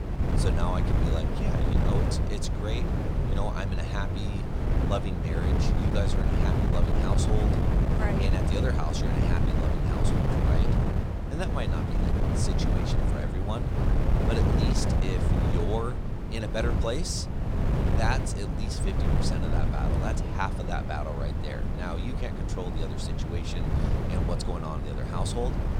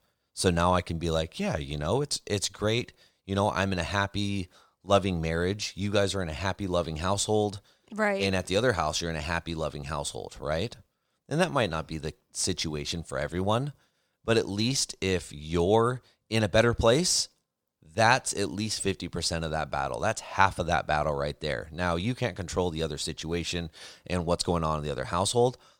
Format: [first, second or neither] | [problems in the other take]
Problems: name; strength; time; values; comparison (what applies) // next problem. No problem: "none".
second | wind noise on the microphone; heavy; as loud as the speech